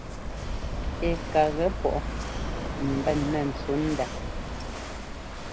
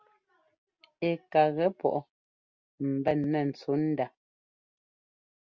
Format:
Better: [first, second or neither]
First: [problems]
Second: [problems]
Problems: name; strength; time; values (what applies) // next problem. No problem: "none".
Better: second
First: background sound (Walk, footsteps / Waves, surf / Wind); 2 dB below the speech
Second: none